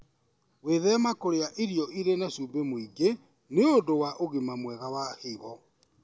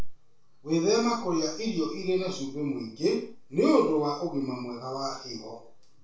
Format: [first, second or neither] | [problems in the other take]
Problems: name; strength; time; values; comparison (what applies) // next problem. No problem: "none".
first | room echo; dies away in 0.4 s